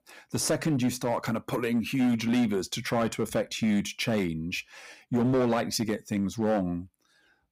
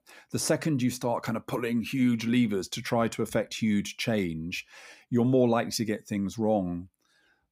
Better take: second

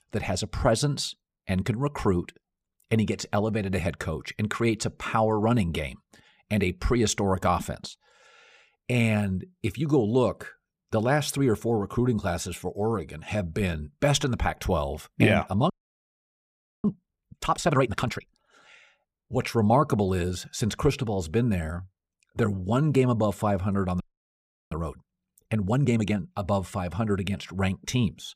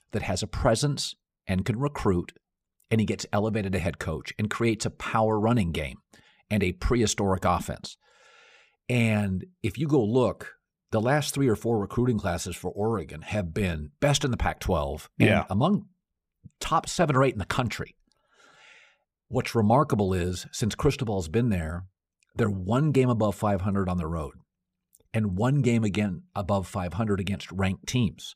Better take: second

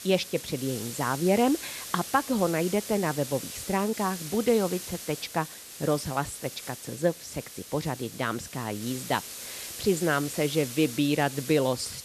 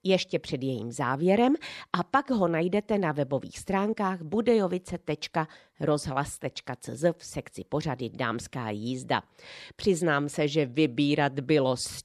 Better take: second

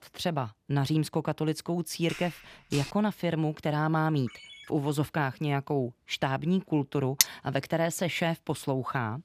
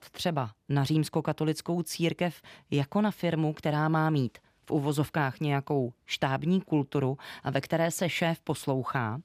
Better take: second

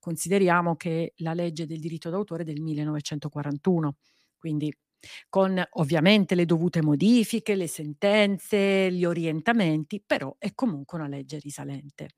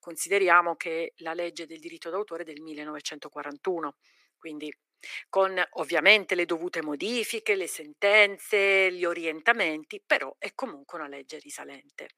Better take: first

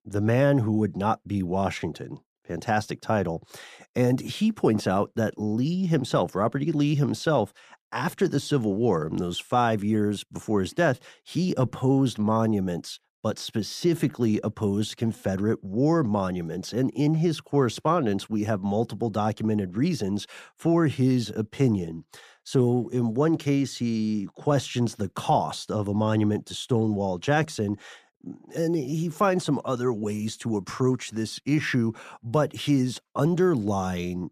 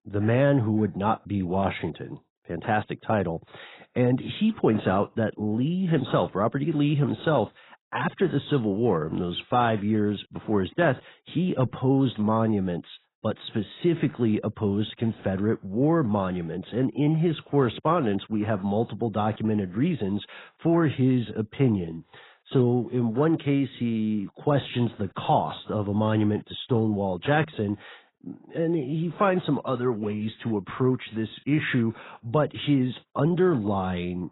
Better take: first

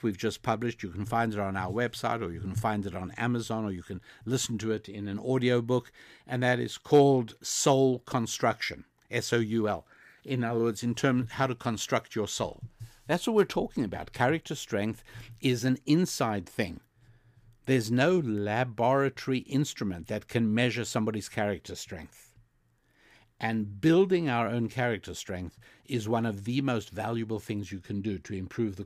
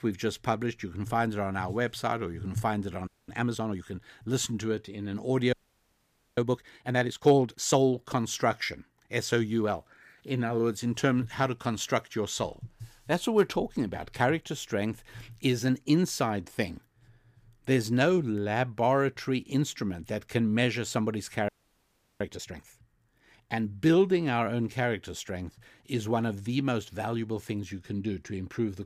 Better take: first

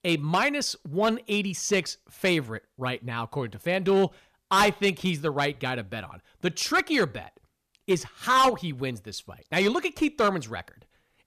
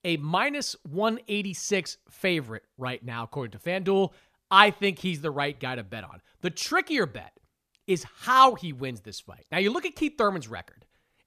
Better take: second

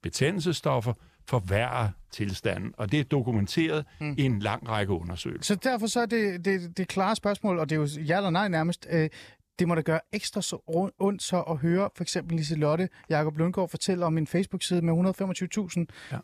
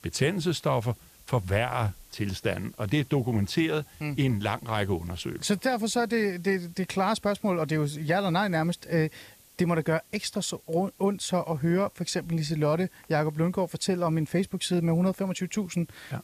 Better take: first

